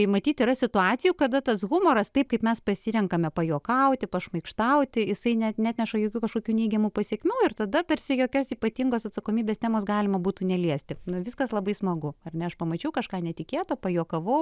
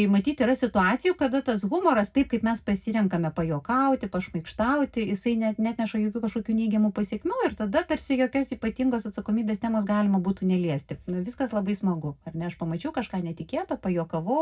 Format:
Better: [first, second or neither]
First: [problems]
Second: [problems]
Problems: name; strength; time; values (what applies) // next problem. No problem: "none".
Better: first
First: none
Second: room echo; dies away in 0.3 s